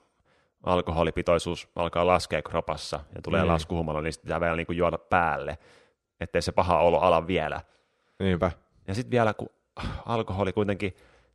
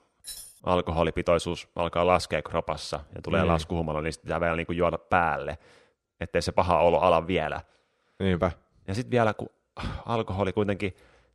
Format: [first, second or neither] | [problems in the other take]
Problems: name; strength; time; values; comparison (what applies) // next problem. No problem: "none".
first | jangling keys; faint; at the start; peak 15 dB below the speech